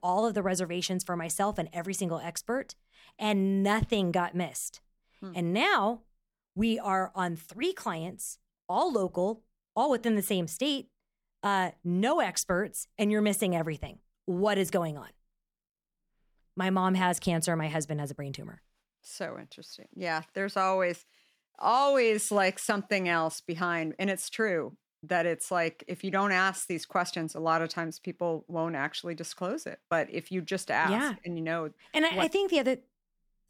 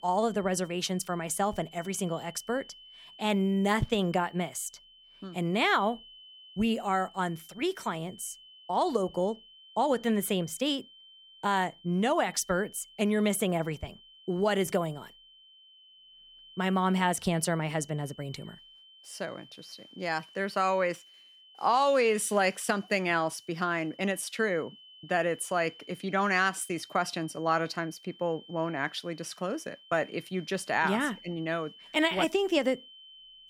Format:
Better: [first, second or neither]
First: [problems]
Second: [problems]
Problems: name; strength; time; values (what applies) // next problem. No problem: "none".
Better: first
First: none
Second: high-pitched whine; faint; throughout; 3 kHz, 20 dB below the speech